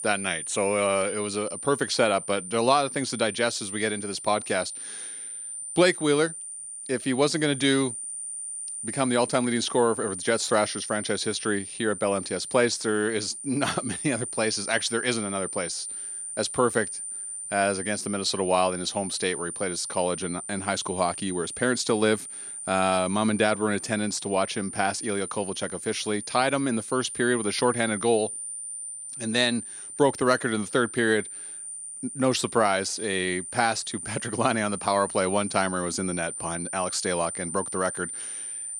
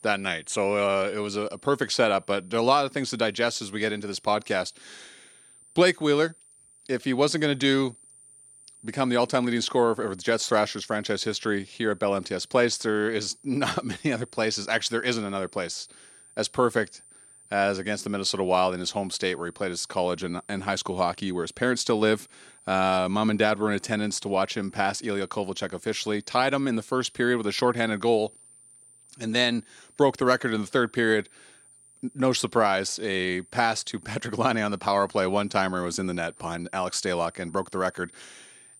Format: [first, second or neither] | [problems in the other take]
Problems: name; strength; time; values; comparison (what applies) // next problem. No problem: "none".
second | high-pitched whine; loud; throughout; 9 kHz, 8 dB below the speech; faint in the second